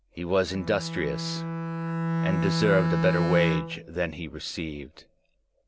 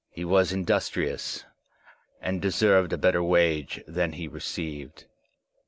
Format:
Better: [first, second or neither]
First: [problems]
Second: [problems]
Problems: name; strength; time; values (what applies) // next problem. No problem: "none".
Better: second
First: background sound (Bowed string instrument); 1 dB below the speech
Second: none